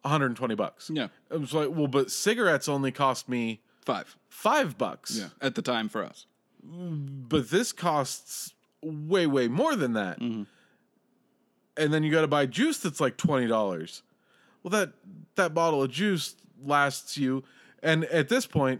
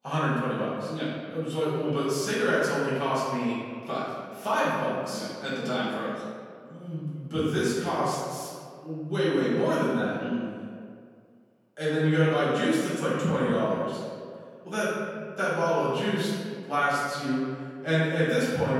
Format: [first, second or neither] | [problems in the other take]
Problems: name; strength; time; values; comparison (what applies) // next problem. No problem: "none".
first | room echo; strong; dies away in 1.7 s // off-mic speech; far